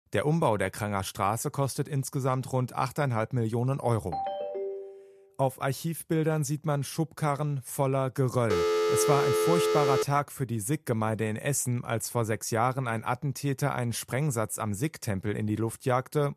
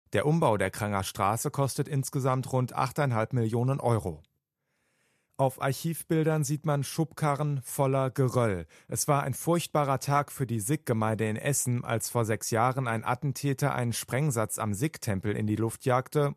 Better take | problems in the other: second | phone ringing; noticeable; at 4 s; peak 4 dB below the speech // phone ringing; loud; from 8.5 to 10 s; peak 4 dB above the speech

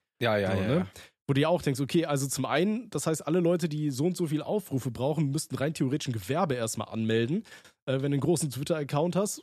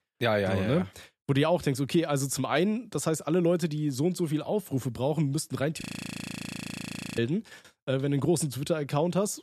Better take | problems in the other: first | audio freezing; at 6 s for 1.5 s

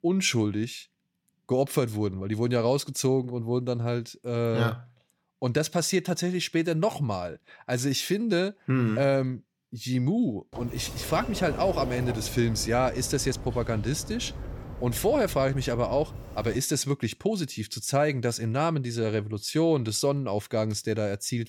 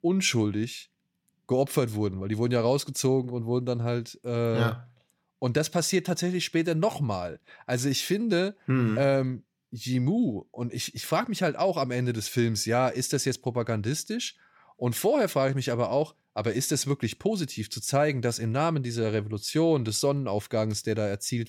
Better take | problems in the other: second | door banging; noticeable; from 11 to 17 s; peak 7 dB below the speech

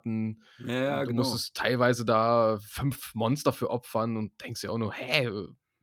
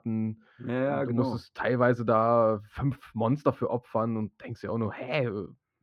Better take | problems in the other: first | muffled; very; fading above 3.5 kHz

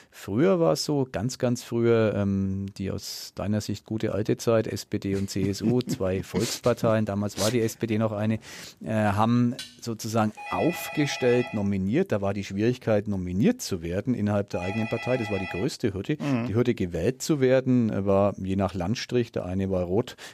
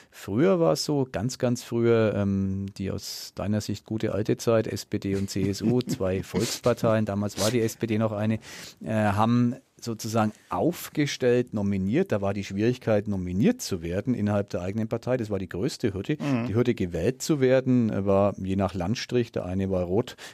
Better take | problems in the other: second | clattering dishes; faint; at 9.5 s; peak 15 dB below the speech // phone ringing; noticeable; from 10 to 16 s; peak 8 dB below the speech

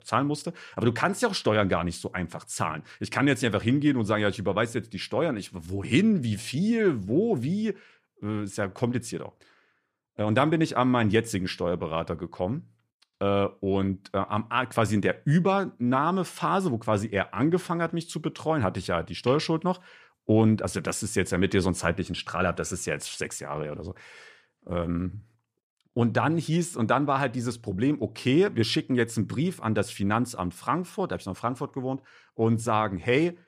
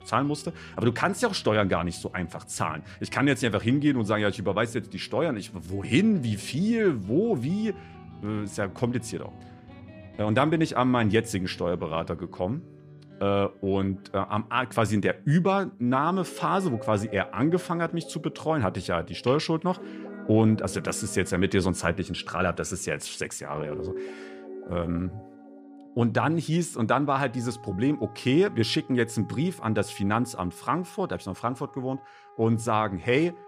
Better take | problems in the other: first | background music; noticeable; throughout; 20 dB below the speech

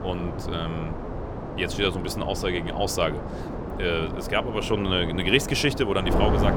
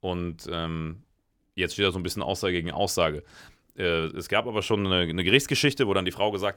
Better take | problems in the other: second | wind noise on the microphone; heavy; 8 dB below the speech

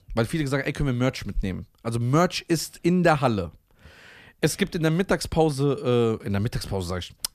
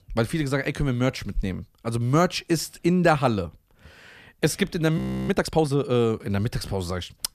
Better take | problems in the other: first | audio freezing; at 5 s

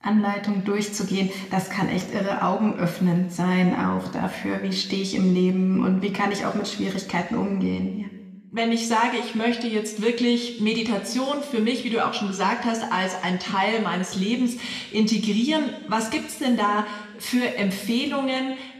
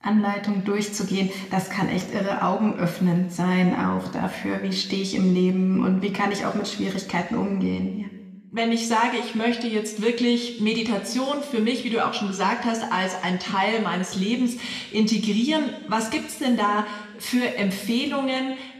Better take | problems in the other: neither | room echo; slight; dies away in 1.1 s; the same in both

